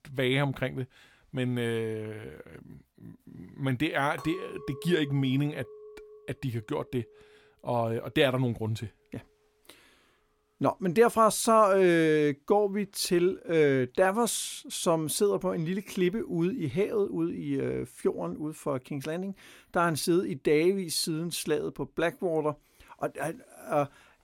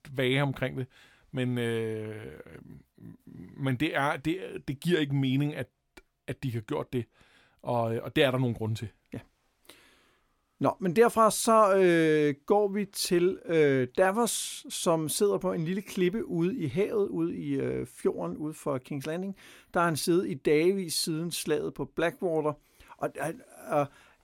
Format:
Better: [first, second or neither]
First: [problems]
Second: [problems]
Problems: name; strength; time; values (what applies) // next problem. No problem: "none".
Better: second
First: clattering dishes; faint; from 4 to 7.5 s; peak 15 dB below the speech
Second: none